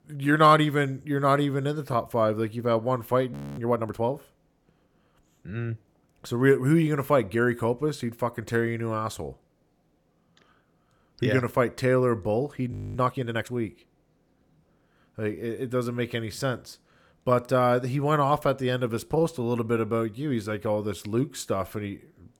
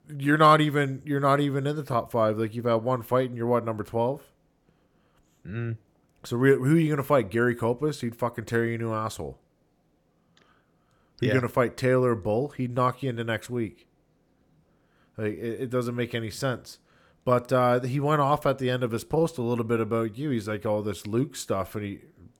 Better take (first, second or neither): second